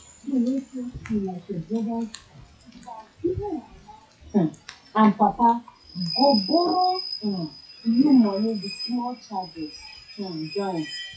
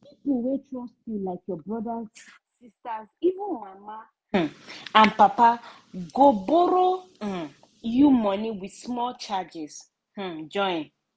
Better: second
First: noise reduction (classical method WPE with log-MMSE)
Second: none

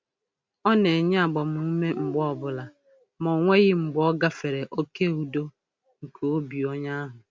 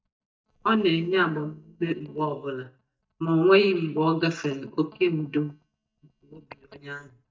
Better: first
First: none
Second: noise reduction (neural mask model DeepFilterNet 3)

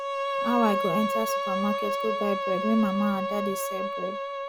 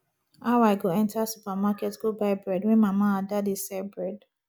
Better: second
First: background sound (Bowed string instrument); as loud as the speech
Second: none

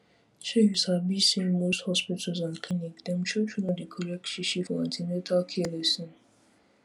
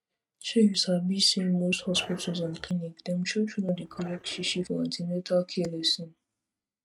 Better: first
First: none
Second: noise reduction (neural mask model RNNoise)

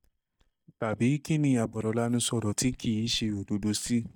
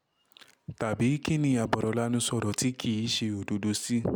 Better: second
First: noise reduction (neural mask model DeepFilterNet 3)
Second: none

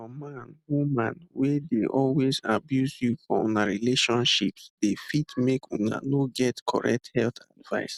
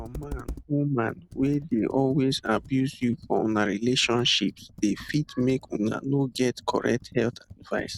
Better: first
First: none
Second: background sound (Computer keyboard); 18 dB below the speech

